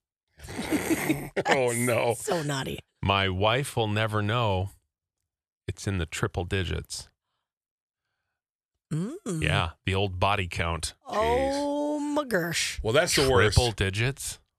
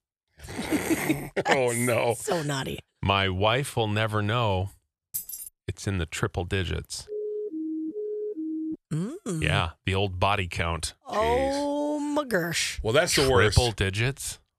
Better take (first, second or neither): first